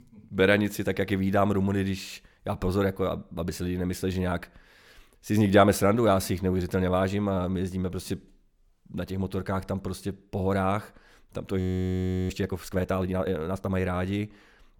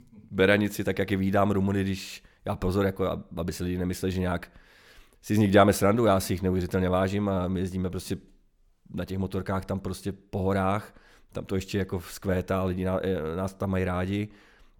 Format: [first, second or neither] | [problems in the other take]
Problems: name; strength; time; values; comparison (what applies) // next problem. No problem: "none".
second | audio freezing; at 12 s for 0.5 s